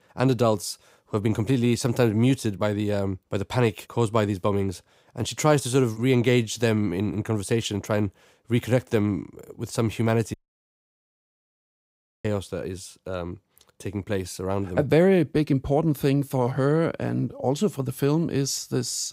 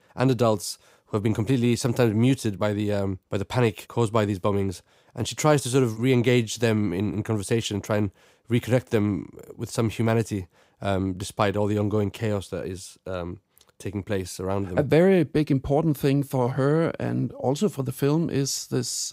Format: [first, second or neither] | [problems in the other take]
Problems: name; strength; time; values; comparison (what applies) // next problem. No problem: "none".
second | audio cutting out; at 10 s for 2 s